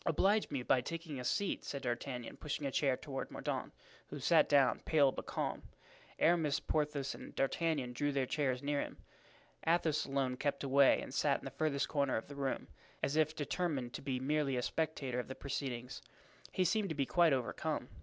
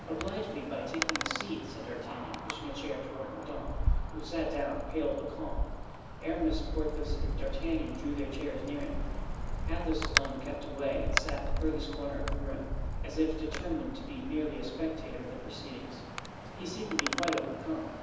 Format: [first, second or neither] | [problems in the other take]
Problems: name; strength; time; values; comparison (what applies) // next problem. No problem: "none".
first | background sound (Wind); 1 dB above the speech // room echo; dies away in 1.1 s